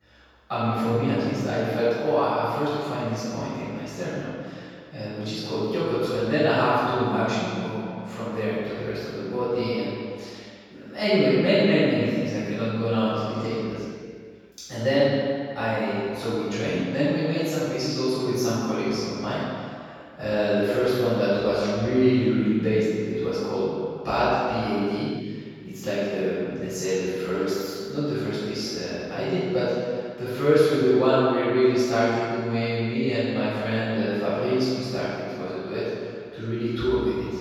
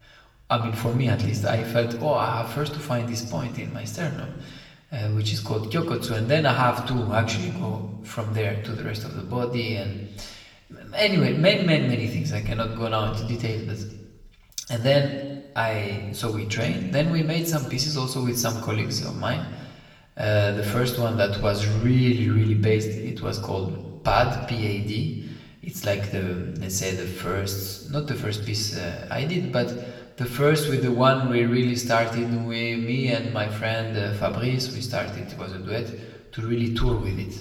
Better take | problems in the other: second | room echo; strong; dies away in 2.2 s; slight in the second // off-mic speech; far; somewhat distant in the second

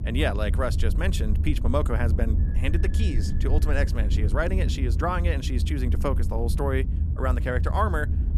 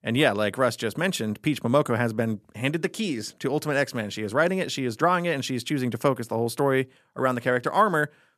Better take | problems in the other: second | low rumble; noticeable; throughout; 10 dB below the speech

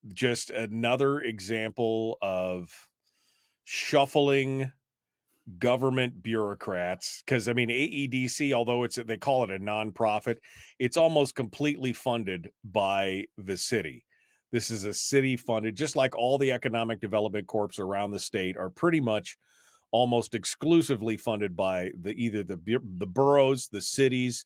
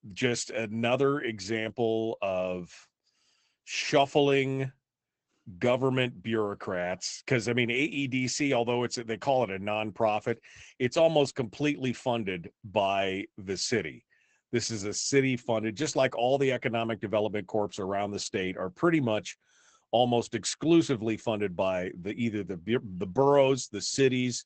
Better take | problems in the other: first | garbled, watery; badly; nothing above 8 kHz; slightly in the first

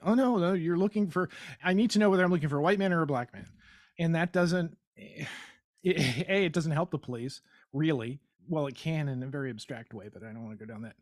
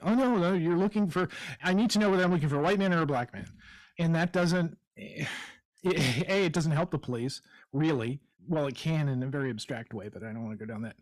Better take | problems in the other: first | distortion; slight; 10 dB below the speech

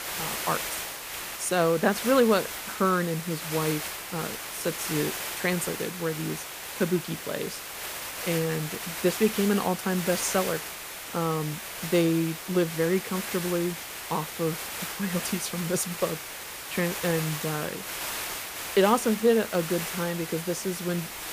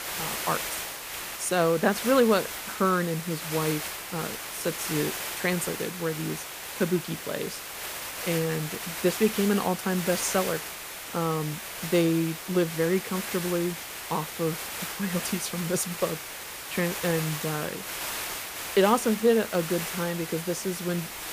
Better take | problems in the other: neither | hiss; loud; throughout; 5 dB below the speech; the same in both

